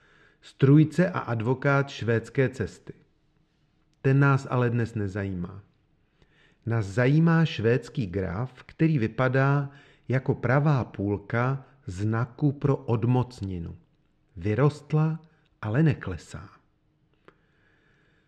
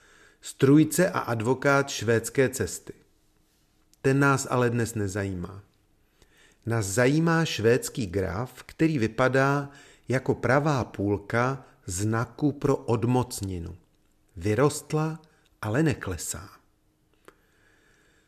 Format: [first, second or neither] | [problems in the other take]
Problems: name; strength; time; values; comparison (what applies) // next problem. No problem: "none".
second | muffled; slightly; fading above 3 kHz